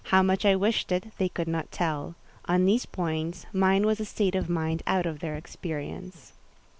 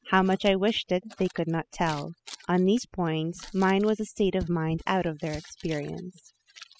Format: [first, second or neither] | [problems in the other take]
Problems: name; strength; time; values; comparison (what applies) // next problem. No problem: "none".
first | noise reduction (classical method spectral subtraction)